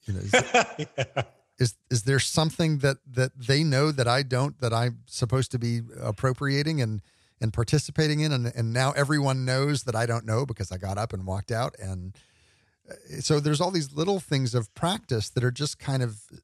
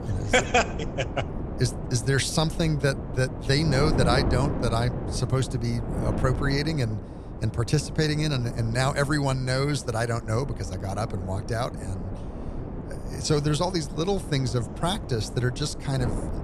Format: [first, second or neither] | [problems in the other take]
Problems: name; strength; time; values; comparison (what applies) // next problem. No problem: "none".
first | wind noise on the microphone; heavy; 10 dB below the speech